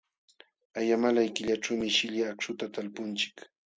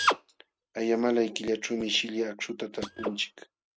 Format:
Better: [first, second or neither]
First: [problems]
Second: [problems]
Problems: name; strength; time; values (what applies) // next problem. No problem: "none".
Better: first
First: none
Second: noise reduction (neural mask model RNNoise)